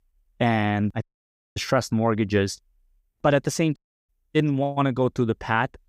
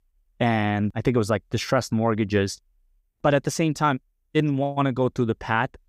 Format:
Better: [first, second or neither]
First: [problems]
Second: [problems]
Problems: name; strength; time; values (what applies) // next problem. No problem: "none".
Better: second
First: audio cutting out; at 1 s for 0.5 s and at 4 s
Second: none